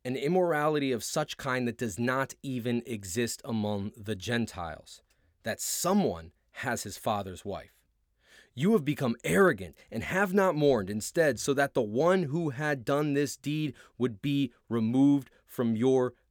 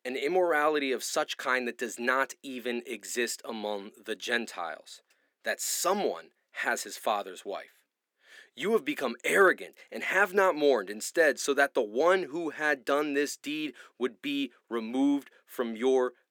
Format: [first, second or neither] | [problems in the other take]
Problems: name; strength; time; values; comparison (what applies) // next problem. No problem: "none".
first | thin; somewhat; fading below 300 Hz